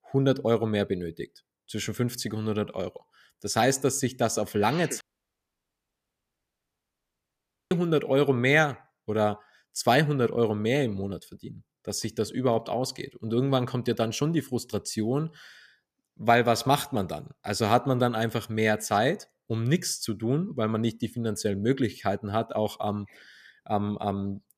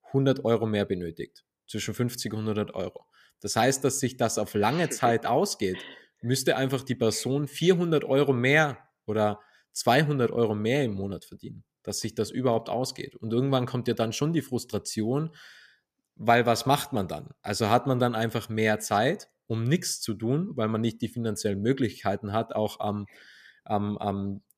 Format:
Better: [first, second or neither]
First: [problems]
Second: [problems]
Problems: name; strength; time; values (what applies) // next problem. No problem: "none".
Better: second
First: audio cutting out; at 5 s for 2.5 s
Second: none